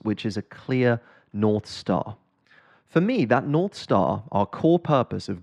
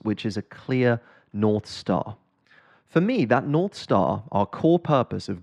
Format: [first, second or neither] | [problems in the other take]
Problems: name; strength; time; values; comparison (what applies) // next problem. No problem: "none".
neither | muffled; slightly; fading above 2.5 kHz; the same in both